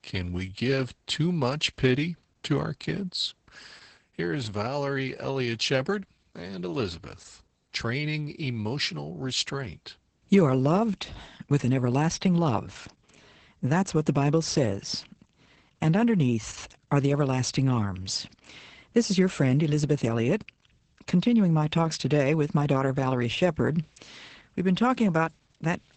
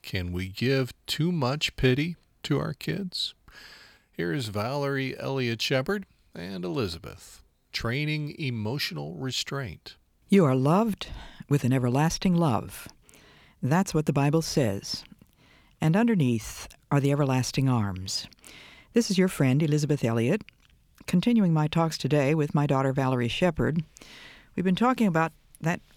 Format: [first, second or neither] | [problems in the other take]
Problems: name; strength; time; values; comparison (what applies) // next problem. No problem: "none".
second | garbled, watery; badly; nothing above 8 kHz